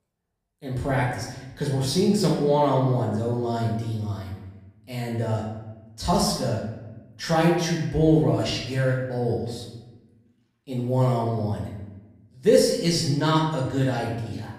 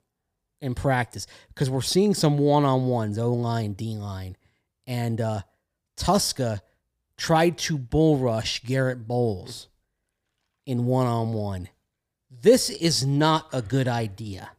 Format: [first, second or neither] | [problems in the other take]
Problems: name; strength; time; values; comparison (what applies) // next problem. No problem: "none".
second | off-mic speech; far // room echo; noticeable; dies away in 0.9 s